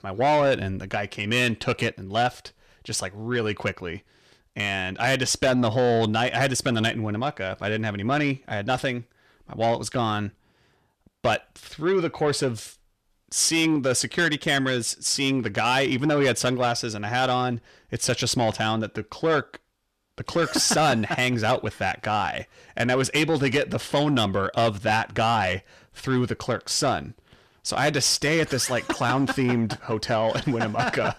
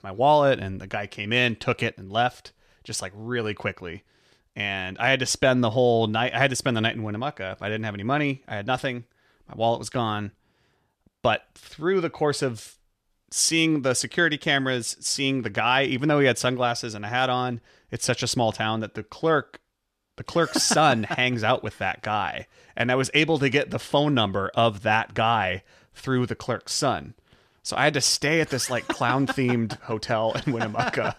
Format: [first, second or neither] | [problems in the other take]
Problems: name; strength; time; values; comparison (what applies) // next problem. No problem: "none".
second | distortion; slight; 10 dB below the speech